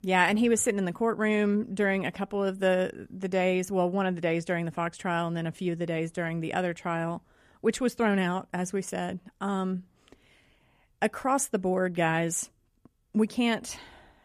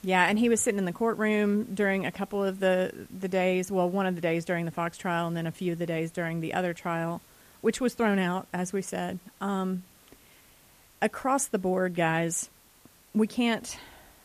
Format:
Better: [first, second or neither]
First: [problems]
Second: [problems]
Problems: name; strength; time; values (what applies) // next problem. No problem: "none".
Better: first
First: none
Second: hiss; faint; throughout; 25 dB below the speech